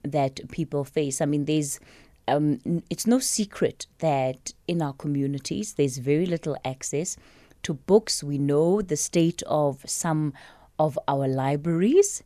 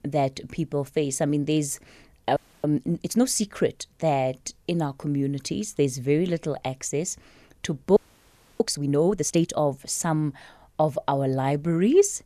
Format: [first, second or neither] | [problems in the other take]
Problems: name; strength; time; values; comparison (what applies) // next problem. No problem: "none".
first | audio freezing; at 2.5 s and at 8 s for 0.5 s